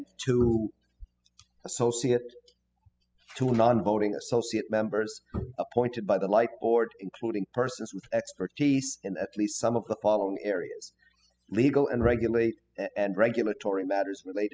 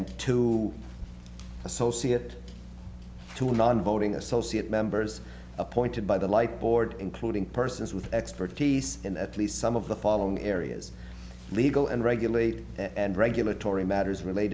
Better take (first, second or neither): second